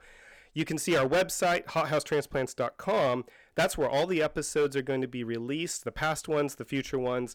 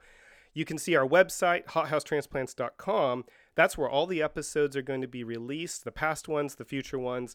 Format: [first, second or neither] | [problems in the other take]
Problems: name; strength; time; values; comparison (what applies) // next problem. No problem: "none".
second | distortion; heavy; 7% of the sound clipped